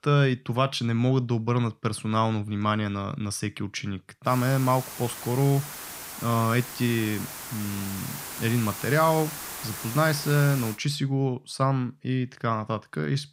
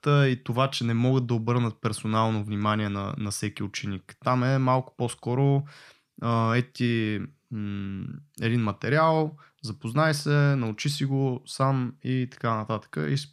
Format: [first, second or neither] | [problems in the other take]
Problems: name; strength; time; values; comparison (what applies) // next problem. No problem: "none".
second | hiss; loud; from 4.5 to 11 s; 9 dB below the speech